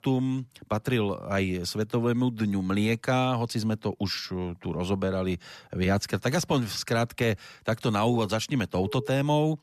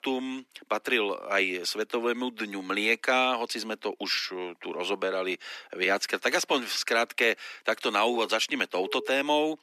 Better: first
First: none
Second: thin; somewhat; fading below 300 Hz

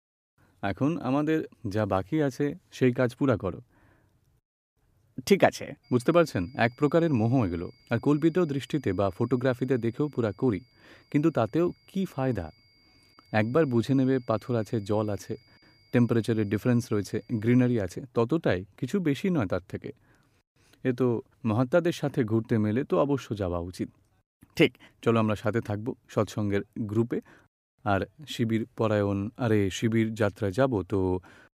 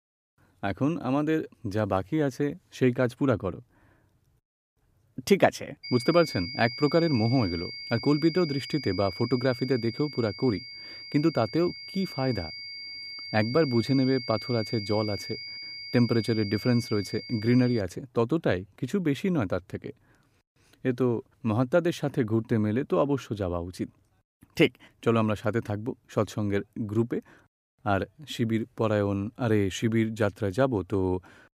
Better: first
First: high-pitched whine; faint; from 6 to 18 s; 5 kHz, 35 dB below the speech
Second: high-pitched whine; loud; from 6 to 18 s; 5 kHz, 10 dB below the speech

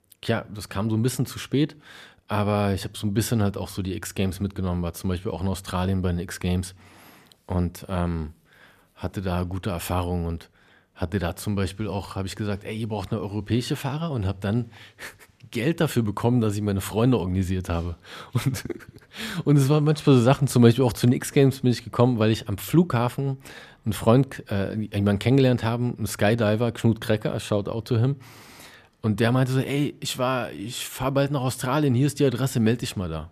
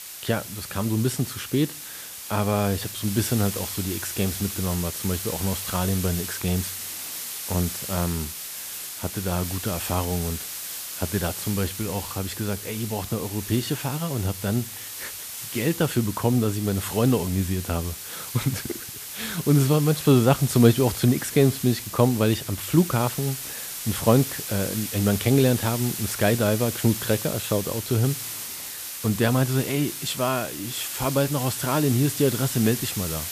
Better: first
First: none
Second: hiss; loud; throughout; 7 dB below the speech

